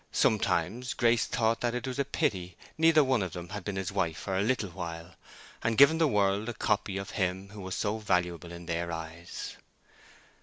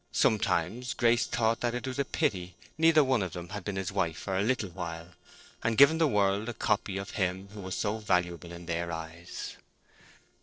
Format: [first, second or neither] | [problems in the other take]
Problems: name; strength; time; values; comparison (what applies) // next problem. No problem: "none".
first | noise reduction (neural separator model SepFormer DNS4)